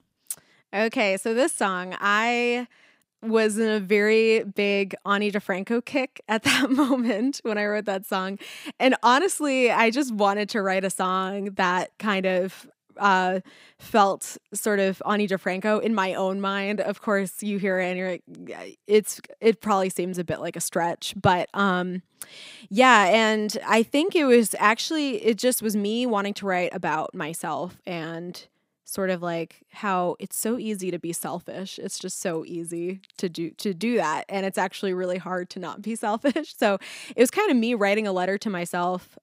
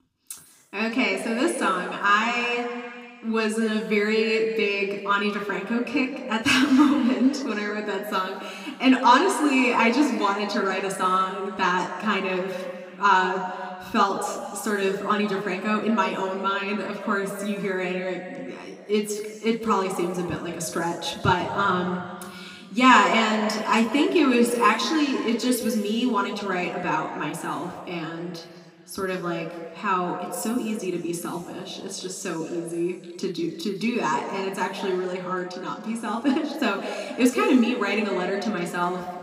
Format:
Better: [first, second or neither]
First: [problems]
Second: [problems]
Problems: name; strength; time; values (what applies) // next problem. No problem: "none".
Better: first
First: none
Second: room echo; slight; dies away in 2.1 s // off-mic speech; somewhat distant